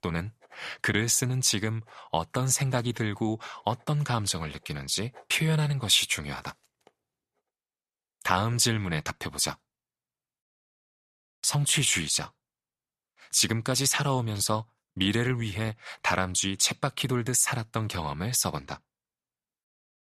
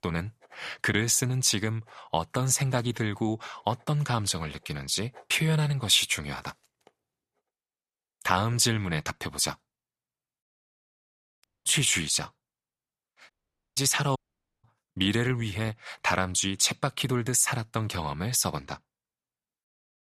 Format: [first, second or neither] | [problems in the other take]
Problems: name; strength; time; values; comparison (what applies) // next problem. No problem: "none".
first | audio cutting out; at 11 s, at 13 s and at 14 s